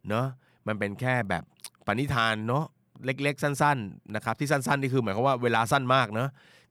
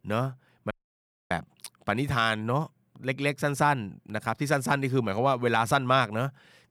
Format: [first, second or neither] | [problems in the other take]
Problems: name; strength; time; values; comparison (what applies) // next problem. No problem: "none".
first | audio cutting out; at 0.5 s for 0.5 s